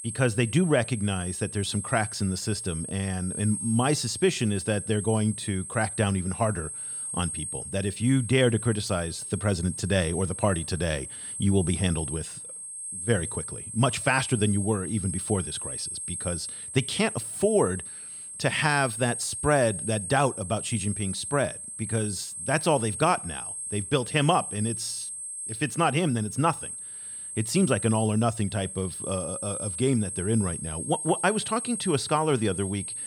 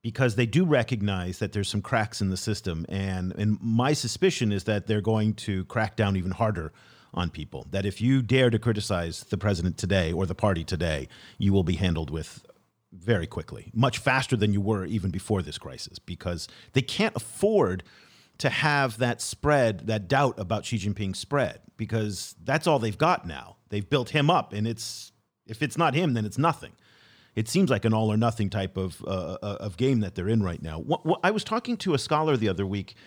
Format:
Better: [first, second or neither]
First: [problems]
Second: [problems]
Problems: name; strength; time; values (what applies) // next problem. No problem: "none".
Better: second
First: high-pitched whine; loud; throughout; 8.5 kHz, 6 dB below the speech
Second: none